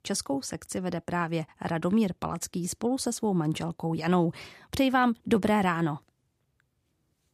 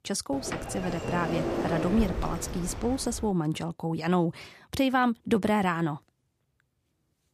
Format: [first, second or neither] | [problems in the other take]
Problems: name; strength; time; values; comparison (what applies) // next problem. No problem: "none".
first | door banging; noticeable; until 3.5 s; peak 1 dB below the speech